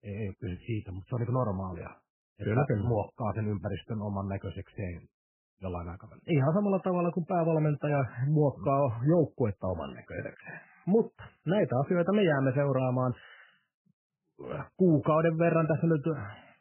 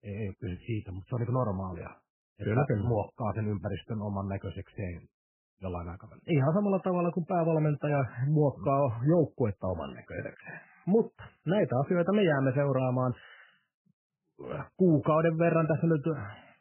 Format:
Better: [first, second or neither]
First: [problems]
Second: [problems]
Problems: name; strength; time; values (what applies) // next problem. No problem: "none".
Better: neither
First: garbled, watery; badly; nothing above 3 kHz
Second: garbled, watery; badly; nothing above 3 kHz